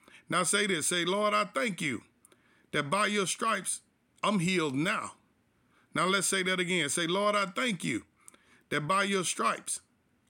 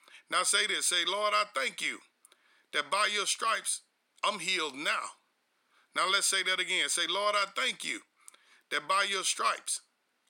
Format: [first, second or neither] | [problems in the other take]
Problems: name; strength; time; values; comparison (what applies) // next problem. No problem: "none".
first | thin; very; fading below 600 Hz